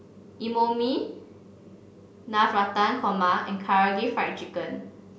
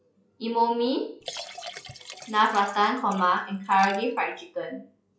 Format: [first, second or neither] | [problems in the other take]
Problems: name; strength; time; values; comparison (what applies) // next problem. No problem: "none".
first | noise reduction (classical method log-MMSE)